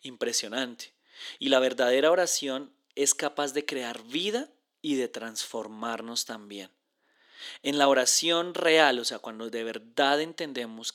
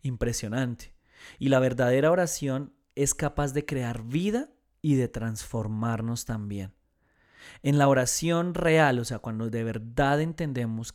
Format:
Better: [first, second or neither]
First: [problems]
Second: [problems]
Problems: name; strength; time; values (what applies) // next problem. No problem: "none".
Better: second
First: thin; somewhat; fading below 300 Hz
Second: none